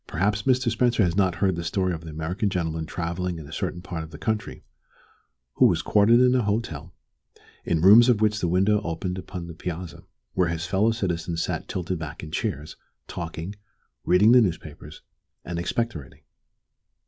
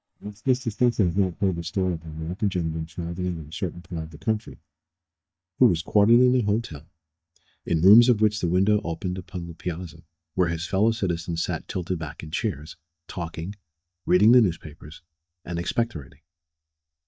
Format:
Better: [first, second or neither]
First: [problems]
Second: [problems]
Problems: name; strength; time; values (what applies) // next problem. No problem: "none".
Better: first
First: none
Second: noise reduction (neural mask model DeepFilterNet 3)